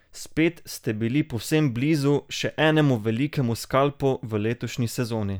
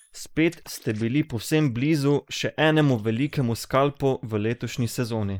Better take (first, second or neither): first